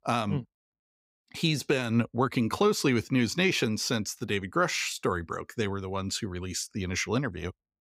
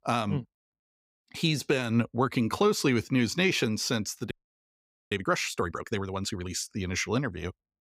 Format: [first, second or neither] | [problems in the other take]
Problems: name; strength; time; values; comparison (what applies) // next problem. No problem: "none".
first | audio freezing; at 4.5 s for 1 s